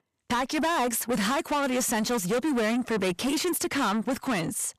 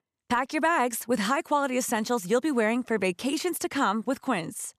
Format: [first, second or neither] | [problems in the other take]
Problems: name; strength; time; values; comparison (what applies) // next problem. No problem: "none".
second | distortion; heavy; 7 dB below the speech